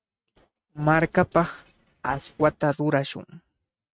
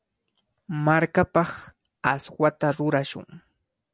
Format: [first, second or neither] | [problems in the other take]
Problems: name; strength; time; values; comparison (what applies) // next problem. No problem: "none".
second | noise reduction (neural mask model RNNoise)